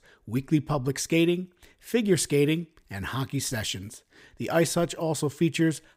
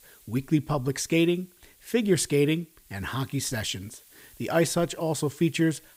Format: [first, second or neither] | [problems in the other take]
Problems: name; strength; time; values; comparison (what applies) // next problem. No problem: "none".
first | hiss; faint; throughout; 25 dB below the speech